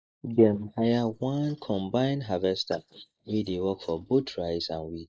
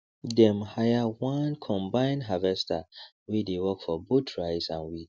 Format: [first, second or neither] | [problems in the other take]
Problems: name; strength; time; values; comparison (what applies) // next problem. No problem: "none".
second | noise reduction (neural mask model Resemble Enhance denoiser)